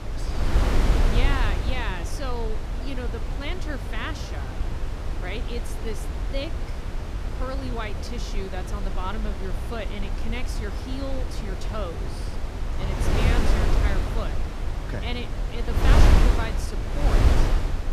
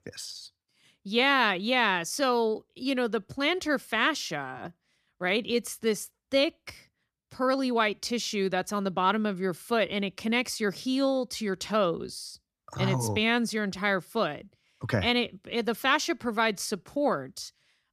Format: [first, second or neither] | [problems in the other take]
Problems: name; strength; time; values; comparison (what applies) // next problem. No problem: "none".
second | wind noise on the microphone; heavy; as loud as the speech